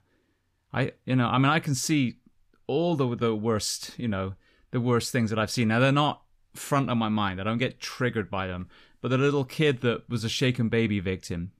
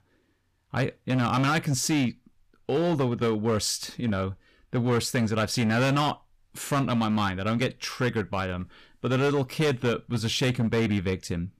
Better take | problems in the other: first | distortion; slight; 10% of the sound clipped

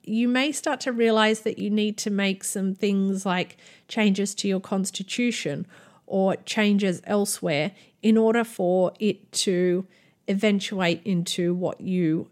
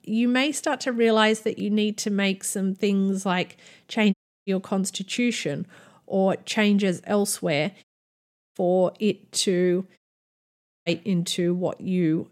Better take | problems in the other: first | audio cutting out; at 4 s, at 8 s for 0.5 s and at 10 s for 1 s

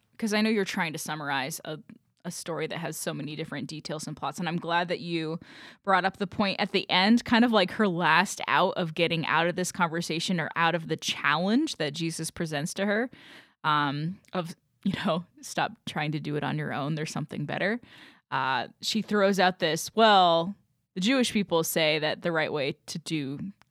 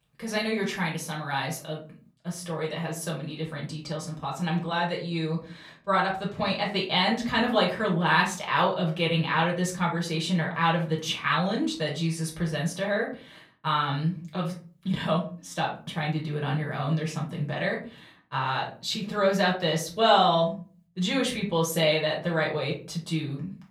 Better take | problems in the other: first | off-mic speech; far // room echo; very slight; dies away in 0.3 s

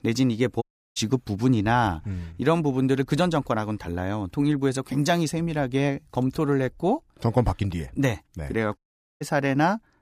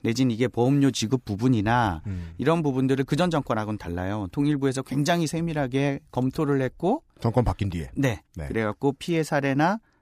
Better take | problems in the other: second | audio cutting out; at 0.5 s and at 9 s

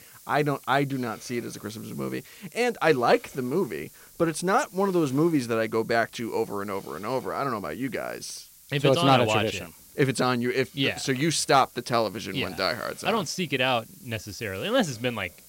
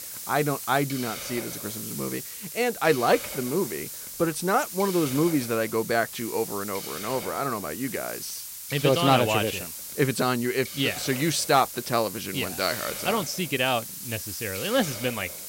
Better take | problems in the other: first | hiss; loud; throughout; 8 dB below the speech; faint in the first

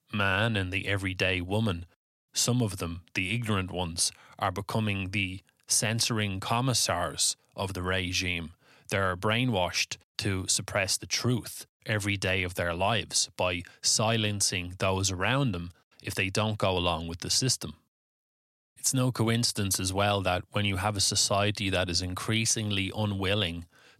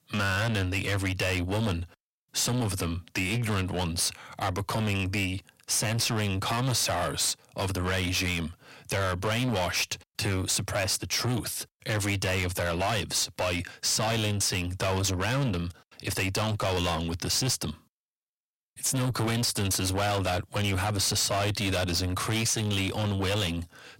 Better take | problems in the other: first | distortion; heavy; 6 dB below the speech

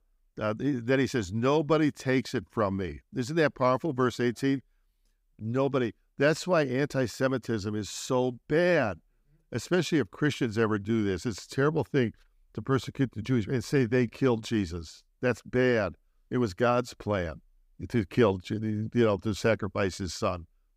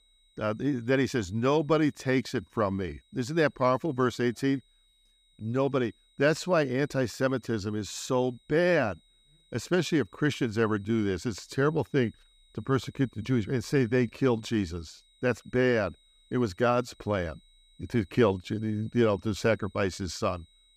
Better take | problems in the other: first | high-pitched whine; faint; throughout; 4 kHz, 35 dB below the speech

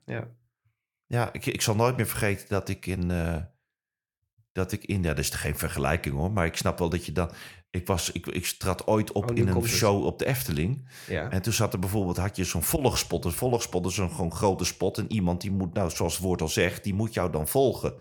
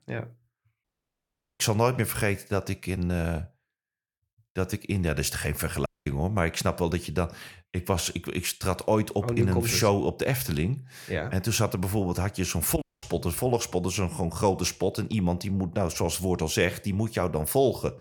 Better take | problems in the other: first | audio cutting out; at 1 s for 1 s, at 6 s and at 13 s

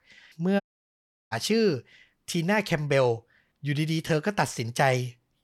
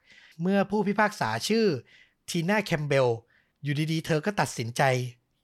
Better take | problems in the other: second | audio cutting out; at 0.5 s for 0.5 s

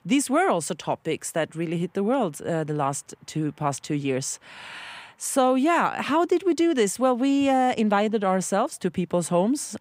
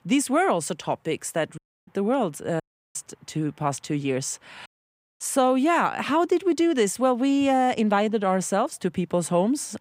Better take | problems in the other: first | audio cutting out; at 1.5 s, at 2.5 s and at 4.5 s for 0.5 s

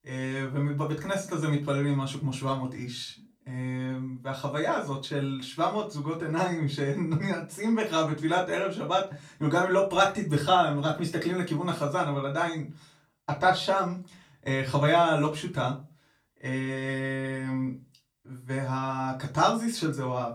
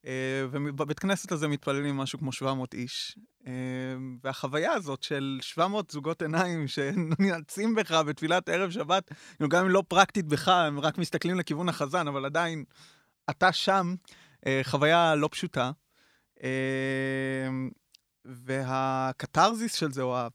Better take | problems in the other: second | off-mic speech; far // room echo; very slight; dies away in 0.3 s

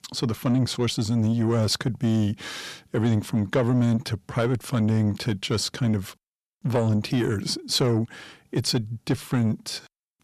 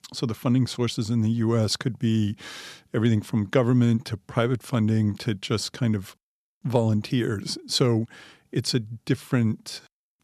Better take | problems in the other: second | distortion; slight; 10 dB below the speech

